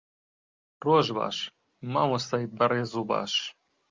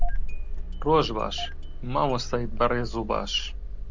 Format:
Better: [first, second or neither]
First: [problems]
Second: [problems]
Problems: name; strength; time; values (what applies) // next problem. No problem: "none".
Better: first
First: none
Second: background sound (Engine starting); as loud as the speech